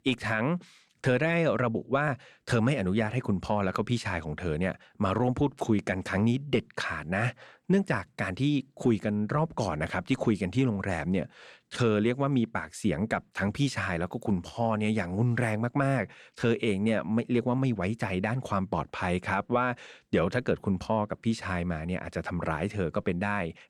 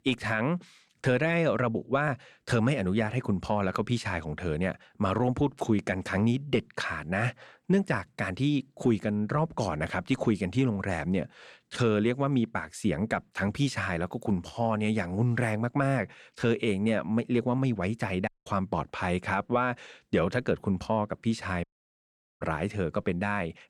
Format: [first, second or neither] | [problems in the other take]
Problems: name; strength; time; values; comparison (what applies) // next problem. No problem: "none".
first | audio cutting out; at 18 s and at 22 s for 1 s